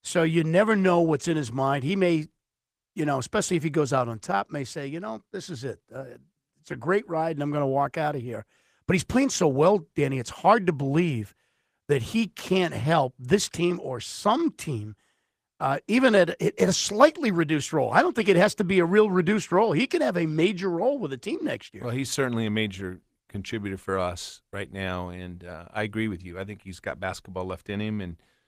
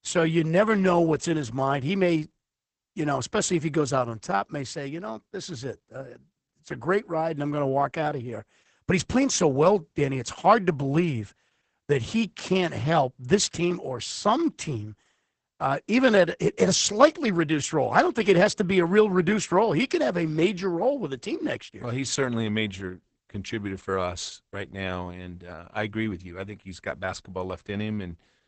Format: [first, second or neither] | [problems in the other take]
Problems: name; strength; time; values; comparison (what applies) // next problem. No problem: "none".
first | garbled, watery; badly; nothing above 8 kHz; slightly in the first